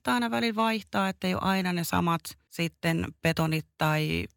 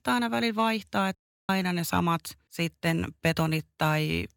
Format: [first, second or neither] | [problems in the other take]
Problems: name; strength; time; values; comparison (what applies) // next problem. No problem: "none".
first | audio cutting out; at 1 s